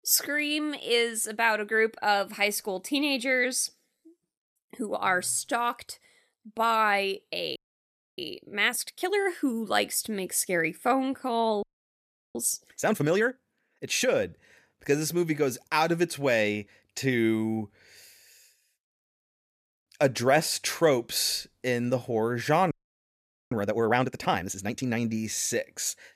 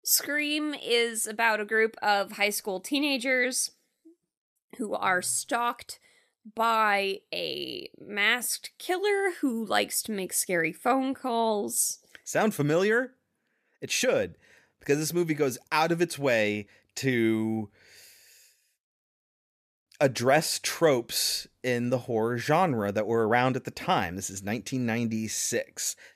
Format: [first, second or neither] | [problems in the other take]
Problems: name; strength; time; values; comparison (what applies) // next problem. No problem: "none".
second | audio freezing; at 7.5 s for 0.5 s, at 12 s for 0.5 s and at 23 s for 1 s